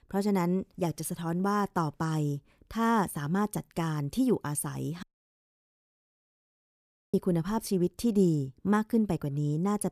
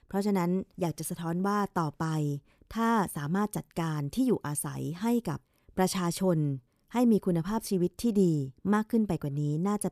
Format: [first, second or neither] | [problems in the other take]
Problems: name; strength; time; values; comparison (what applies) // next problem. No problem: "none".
second | audio cutting out; at 5 s for 2 s